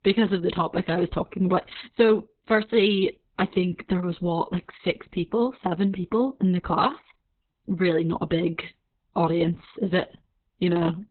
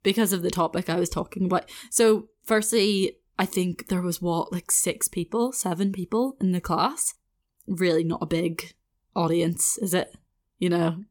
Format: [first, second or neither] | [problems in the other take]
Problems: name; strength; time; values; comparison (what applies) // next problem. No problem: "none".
second | garbled, watery; badly; nothing above 4 kHz